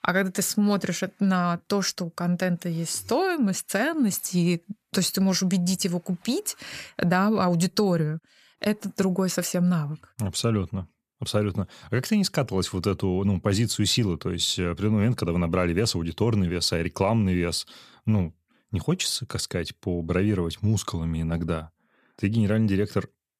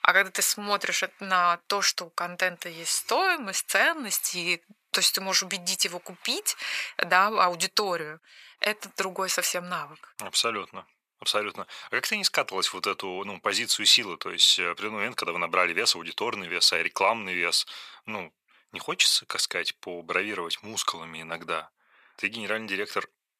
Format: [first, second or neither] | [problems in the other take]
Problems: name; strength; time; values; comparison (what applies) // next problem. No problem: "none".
first | thin; very; fading below 650 Hz